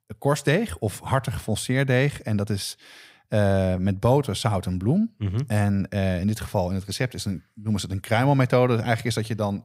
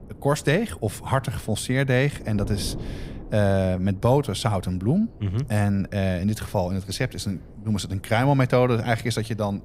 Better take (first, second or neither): first